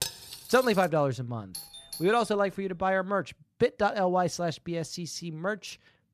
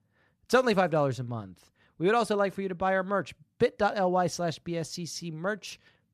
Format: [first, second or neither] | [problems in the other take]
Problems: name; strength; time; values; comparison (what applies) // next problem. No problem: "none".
second | clattering dishes; noticeable; at the start; peak 5 dB below the speech // doorbell; faint; at 1.5 s; peak 10 dB below the speech